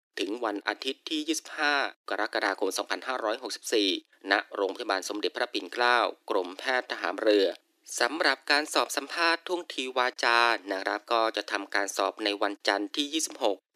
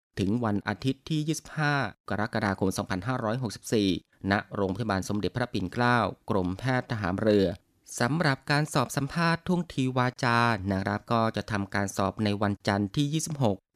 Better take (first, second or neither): second